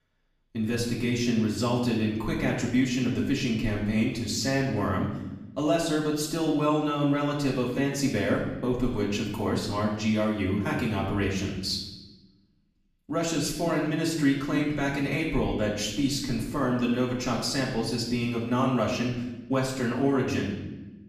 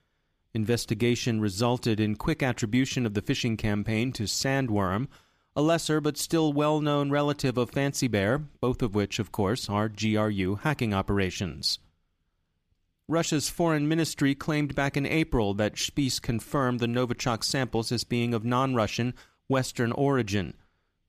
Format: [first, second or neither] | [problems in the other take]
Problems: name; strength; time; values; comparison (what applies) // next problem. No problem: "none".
second | off-mic speech; far // room echo; noticeable; dies away in 0.9 s